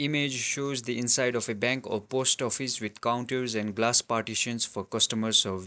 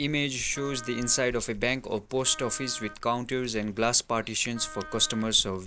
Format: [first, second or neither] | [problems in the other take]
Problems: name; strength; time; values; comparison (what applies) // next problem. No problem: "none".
first | background sound (Cat + Wind instrument, woodwind instrument); 15 dB below the speech